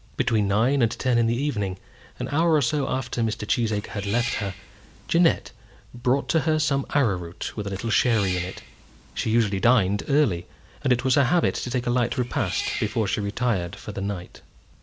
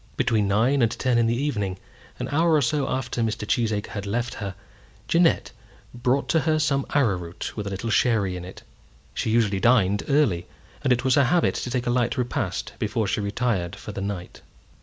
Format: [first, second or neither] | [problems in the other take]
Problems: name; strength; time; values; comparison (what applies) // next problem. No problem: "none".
second | background sound (Cat); 14 dB below the speech